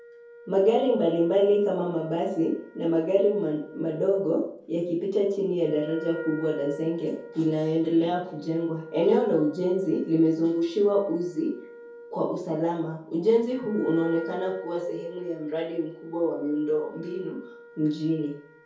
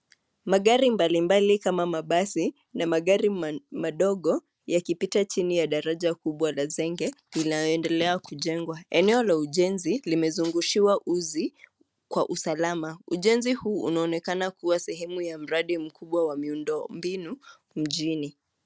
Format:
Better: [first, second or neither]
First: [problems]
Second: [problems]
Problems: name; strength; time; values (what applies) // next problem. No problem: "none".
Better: second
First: background sound (Wind instrument, woodwind instrument); 18 dB below the speech // room echo; dies away in 0.6 s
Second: none